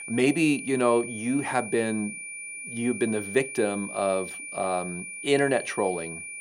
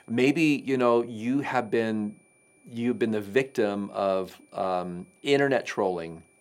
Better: second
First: high-pitched whine; loud; throughout; 2.5 kHz, 9 dB below the speech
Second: high-pitched whine; faint; throughout; 2.5 kHz, 35 dB below the speech

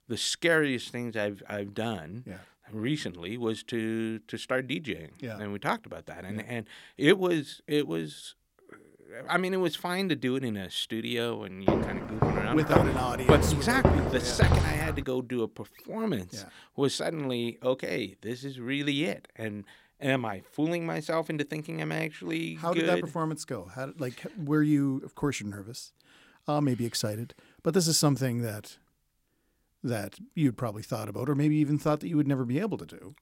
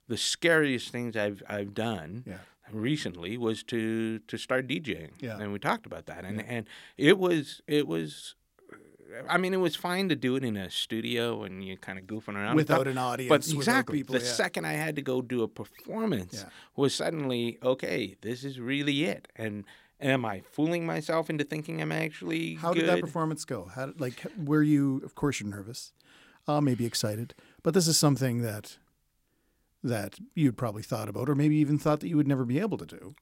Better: second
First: footsteps; loud; from 12 to 15 s; peak 5 dB above the speech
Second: none

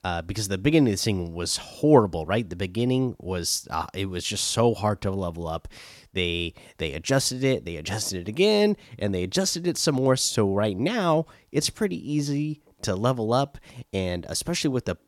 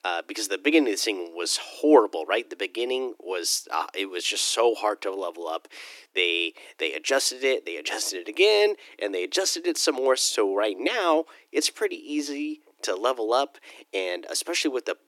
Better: first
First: none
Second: thin; somewhat; fading below 300 Hz

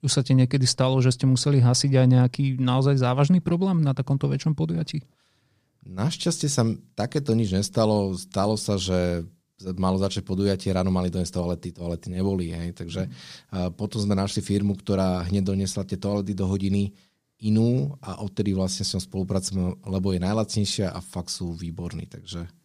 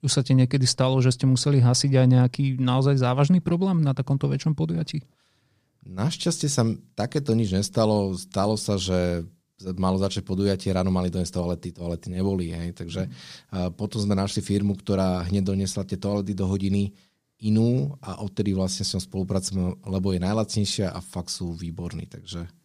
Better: neither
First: none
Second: none

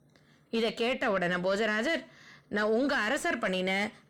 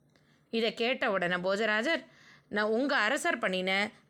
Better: second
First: distortion; slight; 10 dB below the speech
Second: none

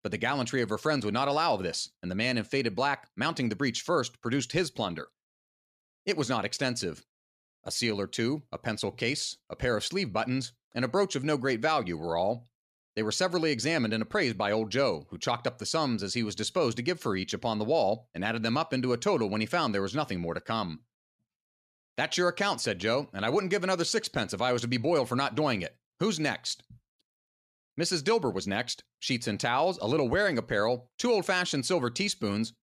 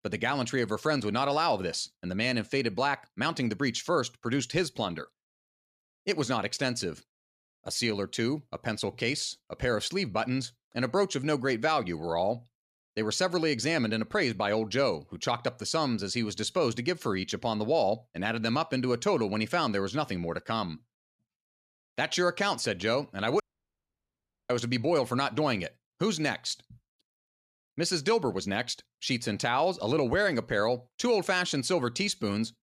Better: first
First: none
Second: audio cutting out; at 23 s for 1 s

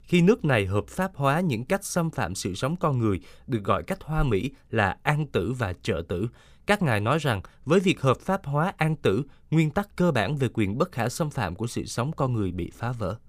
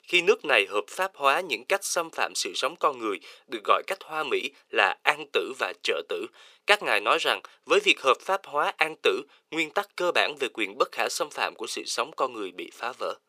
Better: first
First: none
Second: thin; very; fading below 400 Hz

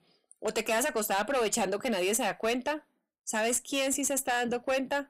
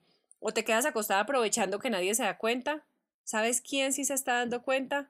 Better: second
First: distortion; slight; 8% of the sound clipped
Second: none

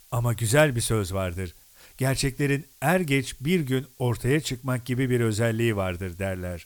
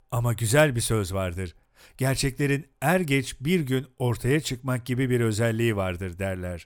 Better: second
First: hiss; faint; throughout; 25 dB below the speech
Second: none

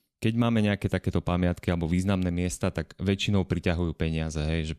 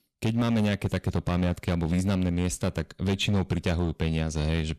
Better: first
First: none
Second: distortion; slight; 10% of the sound clipped

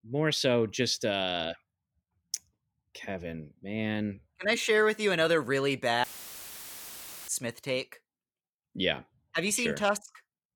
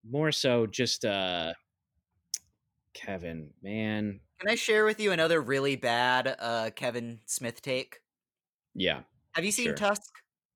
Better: second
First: audio cutting out; filled with static; at 6 s for 1 s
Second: none

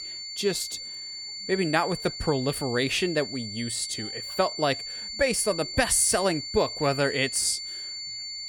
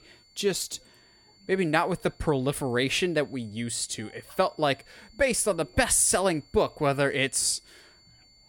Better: second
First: high-pitched whine; loud; throughout; 4.5 kHz, 7 dB below the speech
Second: high-pitched whine; faint; throughout; 4.5 kHz, 30 dB below the speech

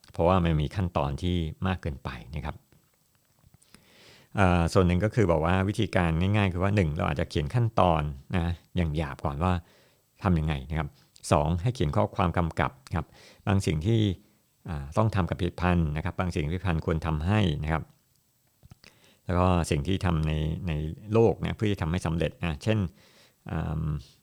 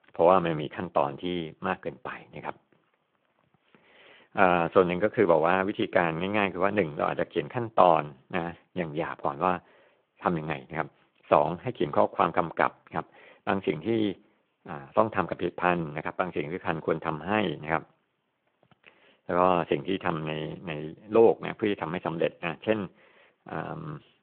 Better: first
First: none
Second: phone-call audio

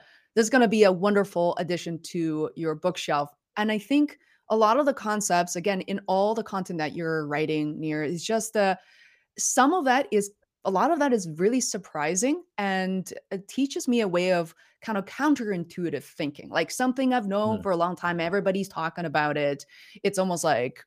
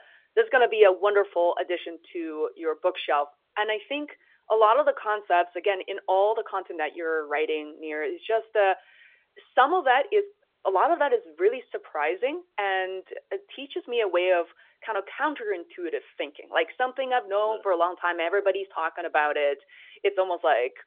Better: first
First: none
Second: phone-call audio; nothing above 3.5 kHz

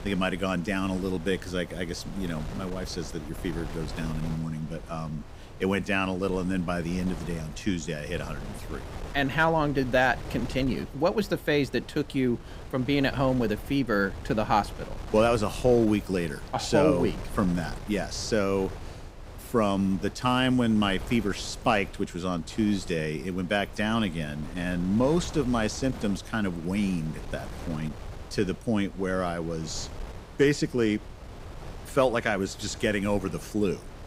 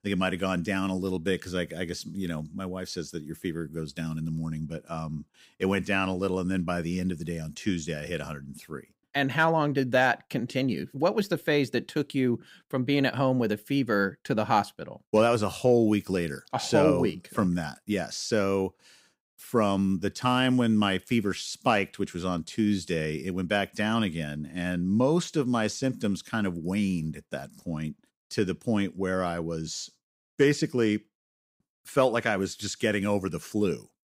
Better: second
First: wind noise on the microphone; occasional gusts; 15 dB below the speech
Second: none

